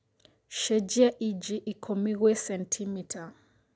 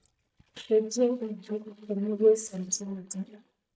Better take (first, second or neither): first